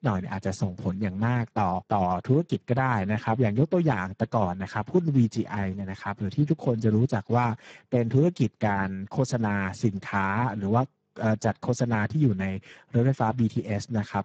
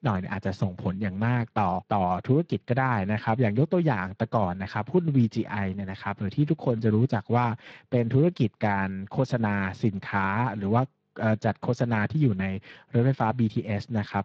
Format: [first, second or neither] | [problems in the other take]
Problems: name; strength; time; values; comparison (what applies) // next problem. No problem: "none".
second | garbled, watery; badly; nothing above 7.5 kHz; slightly in the second